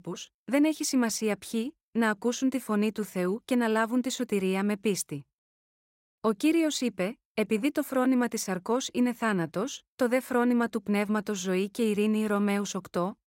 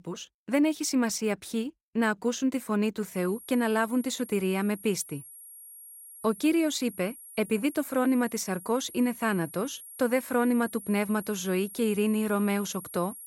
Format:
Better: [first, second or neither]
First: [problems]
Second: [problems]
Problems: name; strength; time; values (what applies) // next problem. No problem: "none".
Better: first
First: none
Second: high-pitched whine; noticeable; from 3 s on; 11.5 kHz, 15 dB below the speech